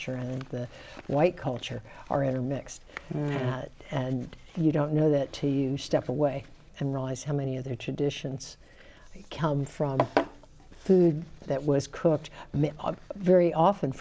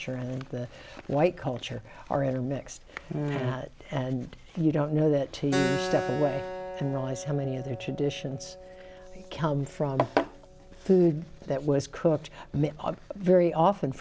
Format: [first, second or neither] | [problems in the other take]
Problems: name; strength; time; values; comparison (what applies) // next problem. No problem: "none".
first | background sound (Keyboard (musical)); 12 dB below the speech